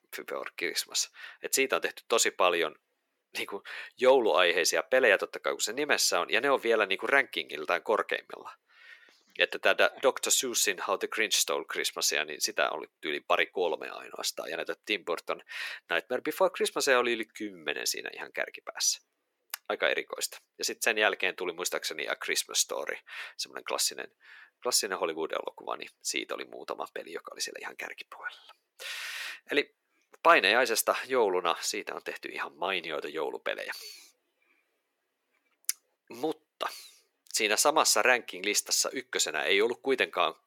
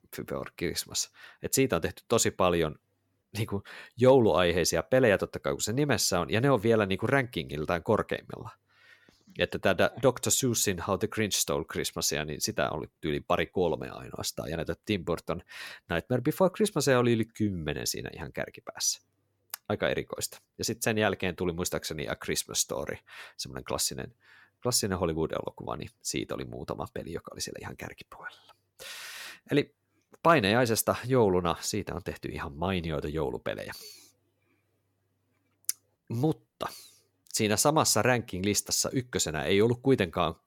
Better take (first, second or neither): second